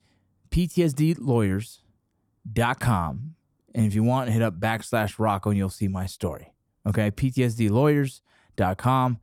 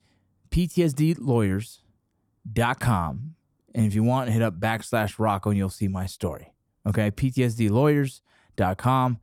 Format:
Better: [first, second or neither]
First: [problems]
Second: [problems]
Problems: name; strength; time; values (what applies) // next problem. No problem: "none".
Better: neither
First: none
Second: none